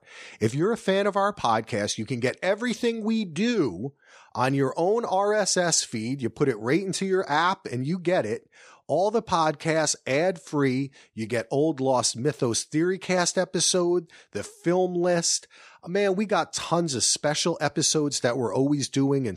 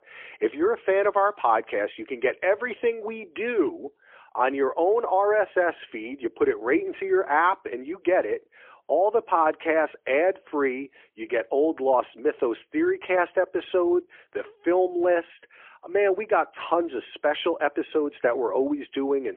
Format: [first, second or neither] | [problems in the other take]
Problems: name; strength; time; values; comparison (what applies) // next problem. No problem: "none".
first | phone-call audio; poor line; nothing above 3.5 kHz